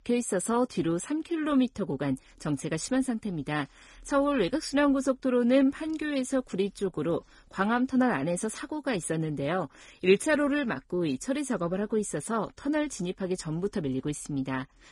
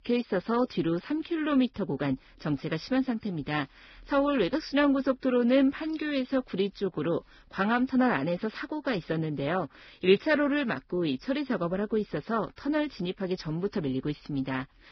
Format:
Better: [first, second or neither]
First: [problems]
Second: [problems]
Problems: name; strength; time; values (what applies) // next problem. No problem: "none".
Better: first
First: garbled, watery; slightly; nothing above 10 kHz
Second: garbled, watery; badly; nothing above 5.5 kHz